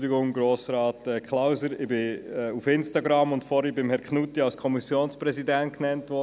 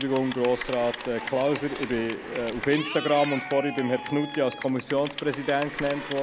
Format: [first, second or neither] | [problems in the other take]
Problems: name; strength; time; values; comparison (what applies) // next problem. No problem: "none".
first | background sound (Cheering / Clapping); 10 dB below the speech